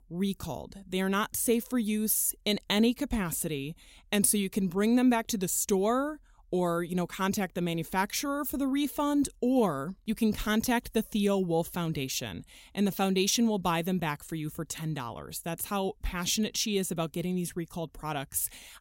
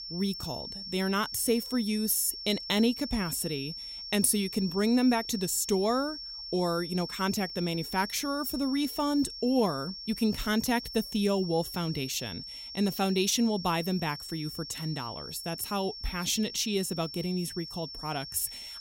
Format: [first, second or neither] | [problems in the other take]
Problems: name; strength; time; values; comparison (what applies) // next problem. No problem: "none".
first | high-pitched whine; loud; throughout; 5.5 kHz, 9 dB below the speech